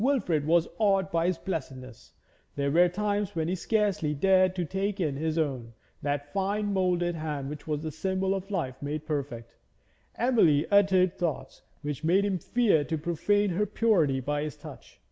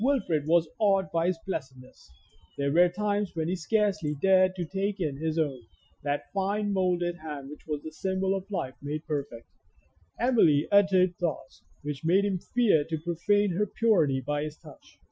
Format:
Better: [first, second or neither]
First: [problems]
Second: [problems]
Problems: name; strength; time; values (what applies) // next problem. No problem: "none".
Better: first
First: none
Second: noise reduction (classical method Wiener filter)